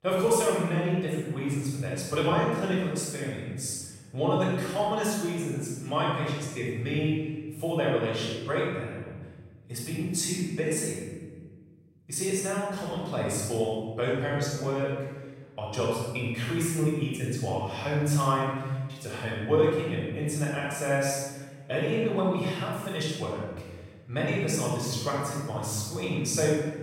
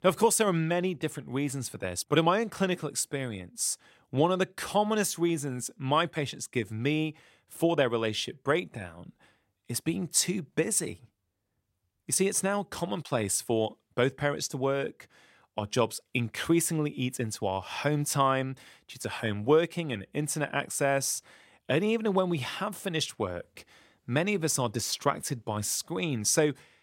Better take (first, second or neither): second